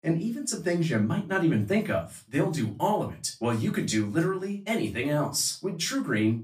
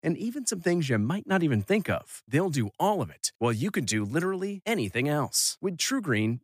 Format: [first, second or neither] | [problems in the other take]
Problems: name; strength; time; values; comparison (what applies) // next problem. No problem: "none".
second | off-mic speech; far // room echo; very slight; dies away in 0.3 s